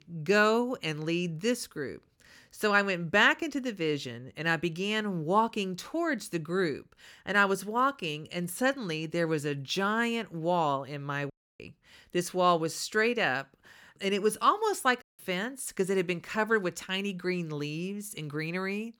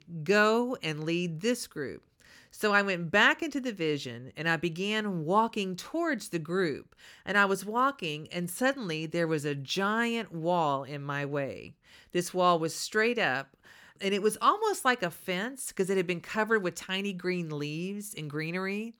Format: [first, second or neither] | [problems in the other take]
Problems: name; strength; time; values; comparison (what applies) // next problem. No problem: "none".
second | audio cutting out; at 11 s and at 15 s